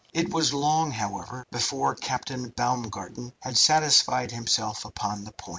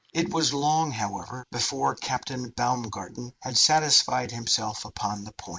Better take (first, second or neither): first